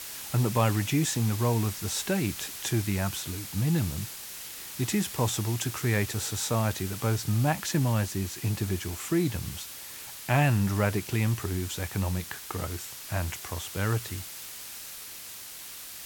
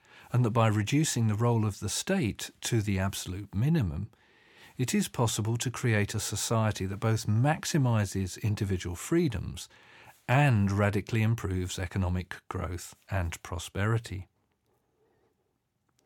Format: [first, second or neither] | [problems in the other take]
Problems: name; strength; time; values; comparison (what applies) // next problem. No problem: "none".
second | hiss; loud; throughout; 9 dB below the speech